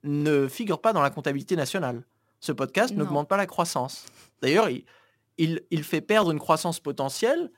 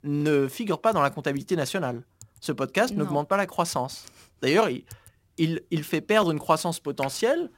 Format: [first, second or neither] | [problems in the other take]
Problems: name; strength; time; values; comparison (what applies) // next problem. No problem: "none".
first | household noises; faint; throughout; 20 dB below the speech